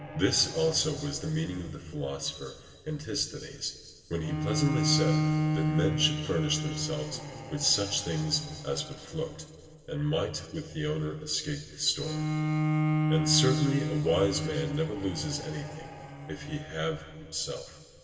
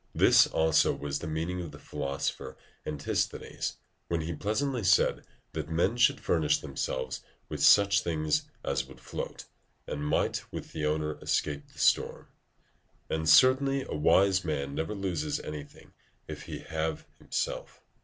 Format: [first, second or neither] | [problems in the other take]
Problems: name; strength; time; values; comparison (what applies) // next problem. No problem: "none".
second | background sound (Bowed string instrument); 2 dB below the speech // room echo; dies away in 2.8 s